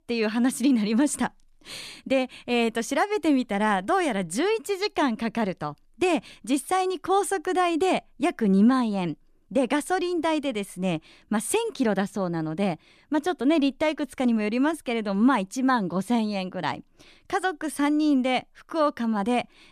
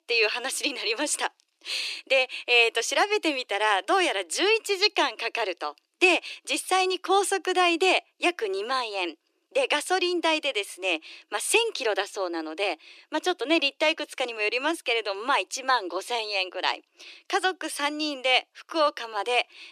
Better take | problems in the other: first | thin; very; fading below 350 Hz

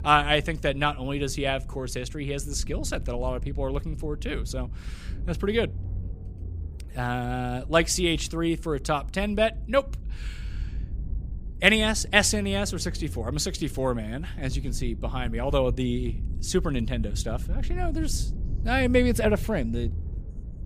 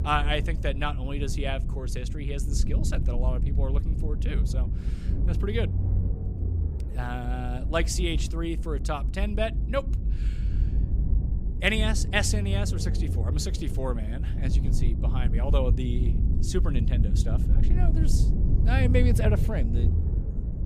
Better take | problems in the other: first | low rumble; loud; throughout; 10 dB below the speech; faint in the first

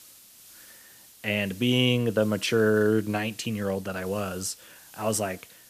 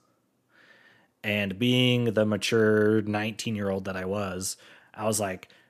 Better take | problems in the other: second | hiss; faint; throughout; 20 dB below the speech

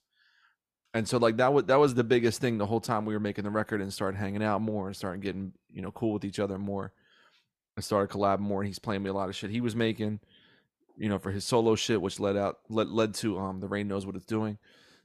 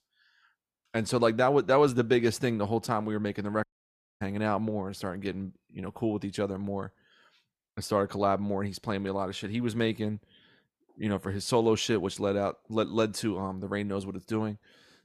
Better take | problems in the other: first | audio cutting out; at 3.5 s for 0.5 s

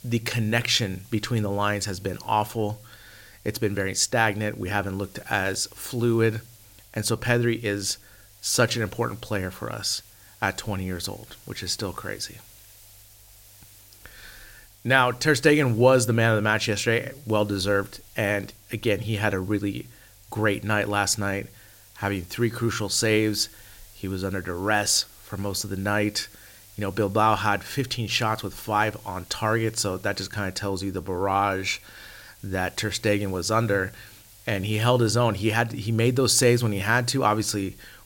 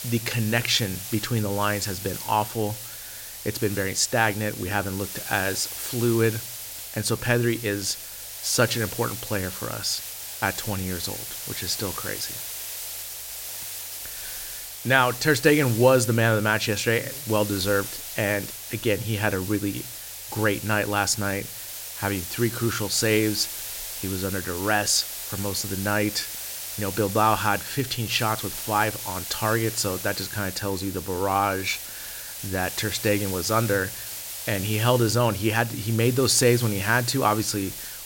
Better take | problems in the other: first | hiss; loud; throughout; 8 dB below the speech; faint in the first

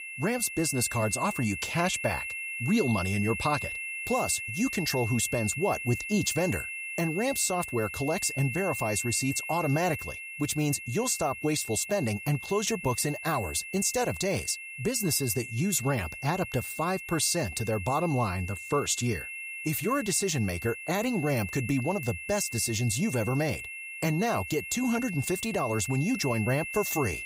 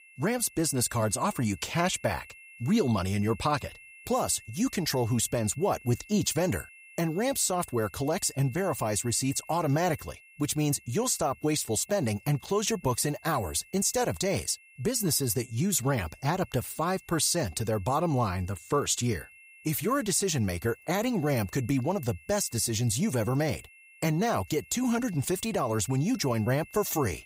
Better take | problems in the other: second | high-pitched whine; loud; throughout; 2.5 kHz, 7 dB below the speech; faint in the second

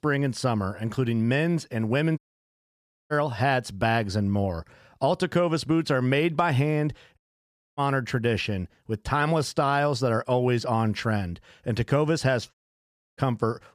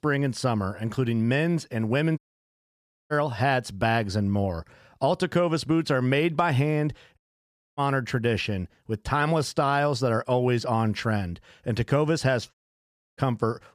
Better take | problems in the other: neither | audio cutting out; at 2 s for 1 s, at 7 s for 0.5 s and at 13 s for 0.5 s; the same in both

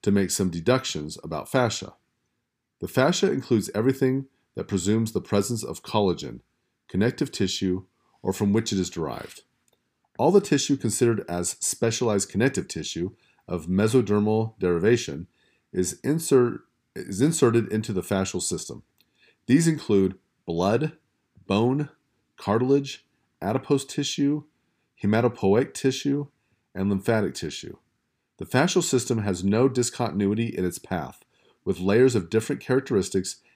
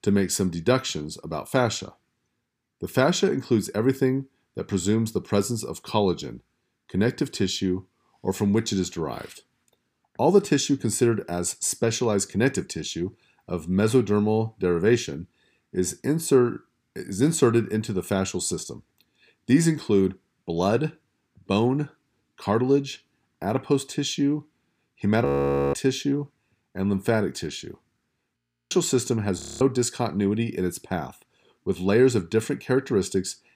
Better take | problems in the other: first | audio freezing; at 25 s, at 28 s and at 29 s

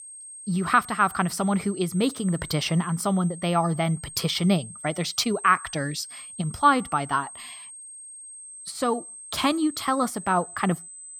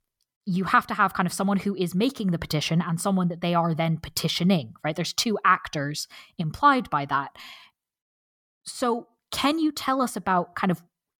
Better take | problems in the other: second | high-pitched whine; noticeable; throughout; 8.5 kHz, 15 dB below the speech

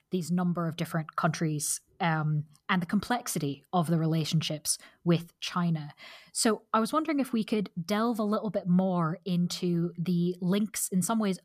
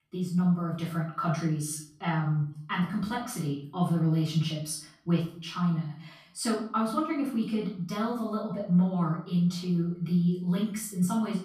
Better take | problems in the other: first | off-mic speech; far // room echo; noticeable; dies away in 0.5 s

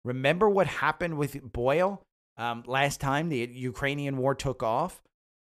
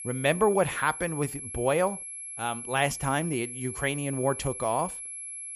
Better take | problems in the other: first | high-pitched whine; loud; throughout; 11 kHz, 8 dB below the speech

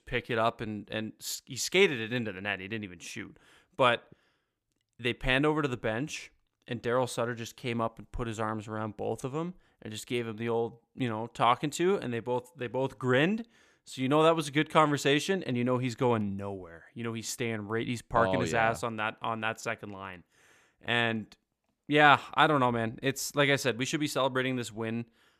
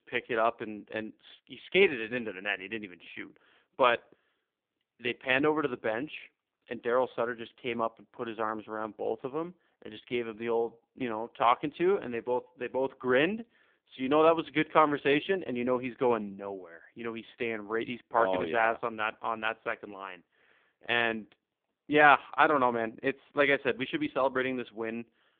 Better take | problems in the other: first | phone-call audio; poor line; nothing above 3.5 kHz

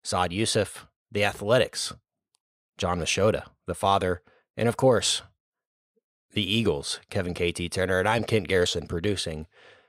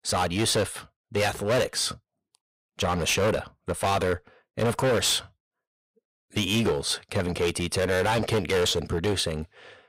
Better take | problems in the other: first | distortion; heavy; 12% of the sound clipped

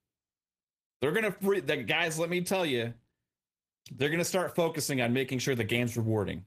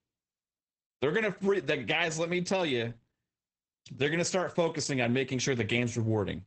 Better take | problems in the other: first | garbled, watery; badly; nothing above 8 kHz; slightly in the first

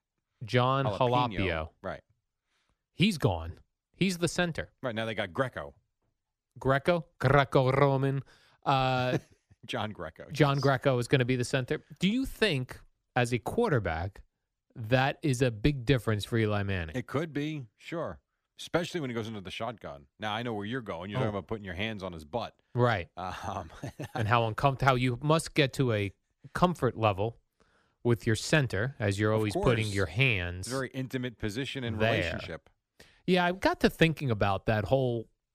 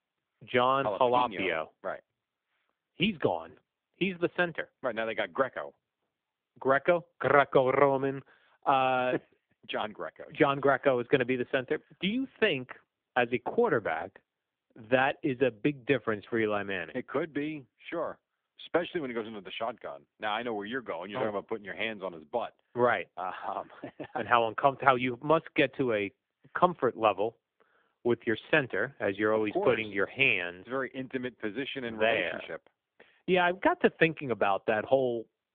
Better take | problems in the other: first | phone-call audio; nothing above 3.5 kHz

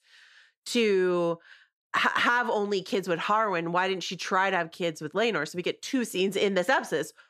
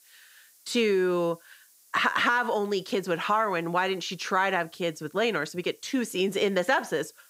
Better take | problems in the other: first | hiss; faint; throughout; 30 dB below the speech

